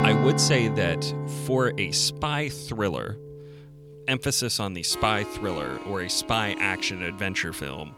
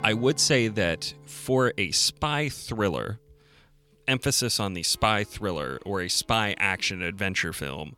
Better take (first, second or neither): second